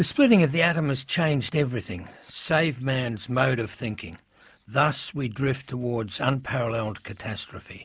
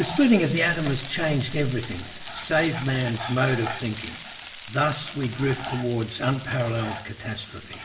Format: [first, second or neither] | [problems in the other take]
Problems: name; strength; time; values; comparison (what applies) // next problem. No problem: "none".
first | background sound (Frying (food)); 11 dB below the speech // room echo; dies away in 0.7 s